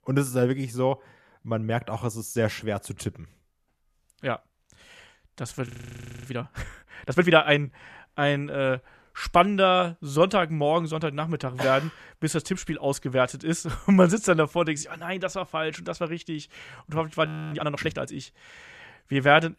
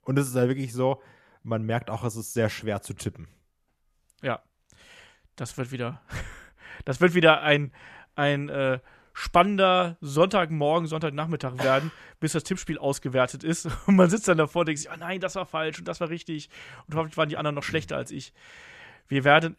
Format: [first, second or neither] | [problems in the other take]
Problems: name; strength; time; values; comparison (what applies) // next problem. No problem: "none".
second | audio freezing; at 5.5 s for 0.5 s and at 17 s